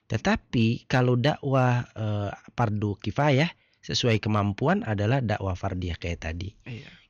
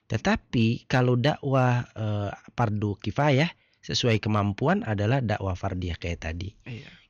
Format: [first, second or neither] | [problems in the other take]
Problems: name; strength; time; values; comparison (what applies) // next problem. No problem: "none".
neither | none